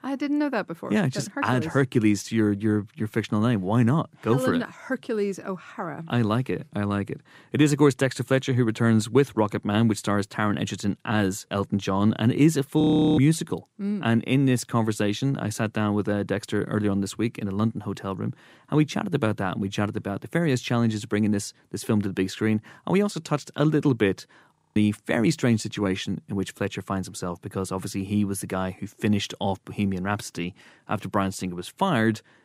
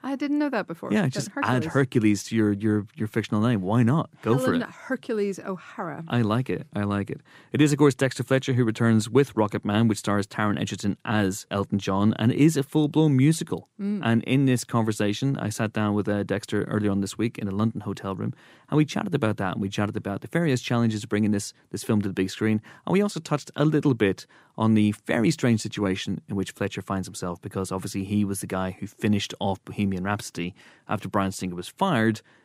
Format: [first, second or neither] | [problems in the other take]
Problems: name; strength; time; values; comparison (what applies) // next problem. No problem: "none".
second | audio freezing; at 13 s and at 25 s